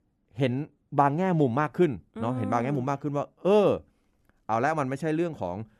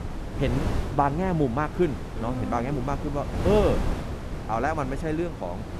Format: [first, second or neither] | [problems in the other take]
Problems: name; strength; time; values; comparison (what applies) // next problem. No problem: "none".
first | wind noise on the microphone; heavy; 9 dB below the speech